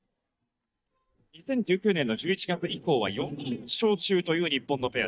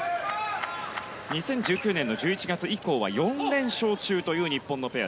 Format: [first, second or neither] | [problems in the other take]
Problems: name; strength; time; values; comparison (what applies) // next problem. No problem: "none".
second | noise reduction (neural mask model DeepFilterNet 3)